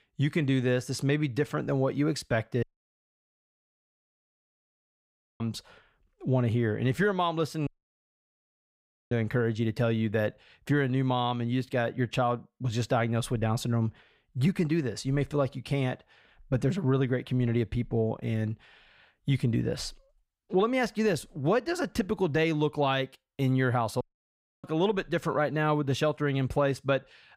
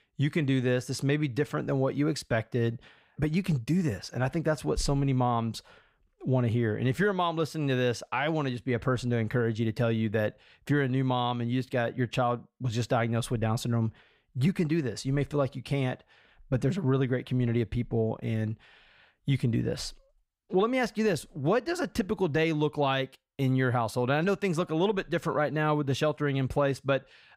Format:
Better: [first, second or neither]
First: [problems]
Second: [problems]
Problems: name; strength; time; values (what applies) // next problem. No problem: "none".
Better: second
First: audio cutting out; at 2.5 s for 3 s, at 7.5 s for 1.5 s and at 24 s for 0.5 s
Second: none